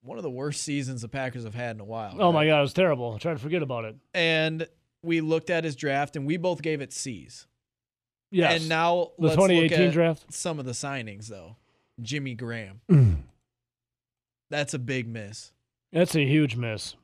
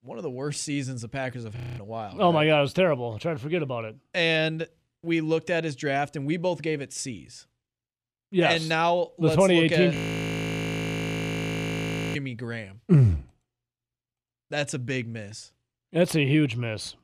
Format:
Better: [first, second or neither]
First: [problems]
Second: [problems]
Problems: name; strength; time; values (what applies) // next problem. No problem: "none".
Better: first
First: none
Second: audio freezing; at 1.5 s and at 10 s for 2 s